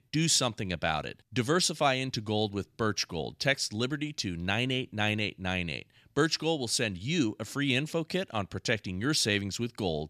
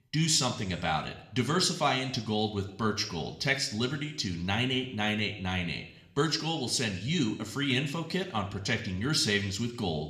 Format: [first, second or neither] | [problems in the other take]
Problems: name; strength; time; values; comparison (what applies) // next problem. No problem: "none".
first | room echo; very slight; dies away in 0.7 s